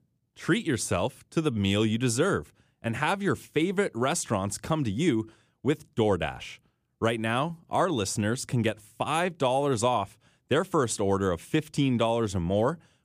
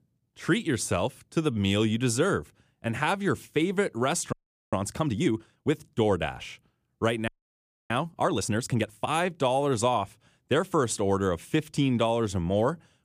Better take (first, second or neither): first